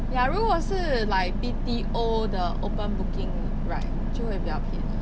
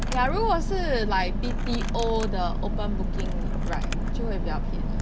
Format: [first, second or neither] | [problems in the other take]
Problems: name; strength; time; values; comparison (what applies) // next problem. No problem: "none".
first | background sound (Crumpling, crinkling); 18 dB below the speech